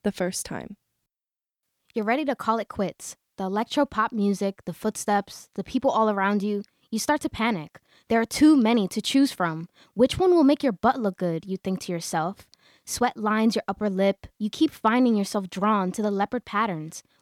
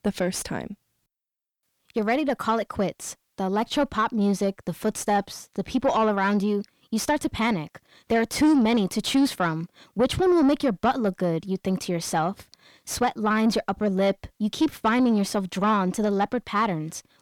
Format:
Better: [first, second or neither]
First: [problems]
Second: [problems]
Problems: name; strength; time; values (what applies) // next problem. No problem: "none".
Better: first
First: none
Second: distortion; slight; 10 dB below the speech